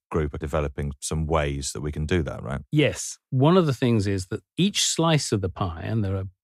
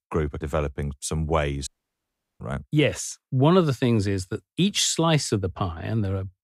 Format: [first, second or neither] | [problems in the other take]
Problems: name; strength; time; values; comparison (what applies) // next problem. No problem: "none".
first | audio cutting out; at 1.5 s for 0.5 s